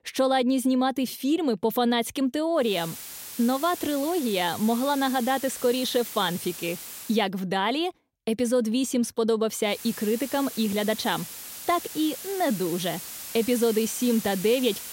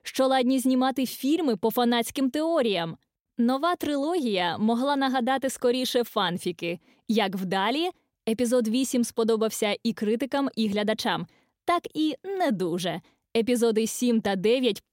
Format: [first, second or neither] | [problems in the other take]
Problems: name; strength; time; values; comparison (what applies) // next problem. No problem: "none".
second | hiss; noticeable; from 2.5 to 7 s and from 9.5 s on; 10 dB below the speech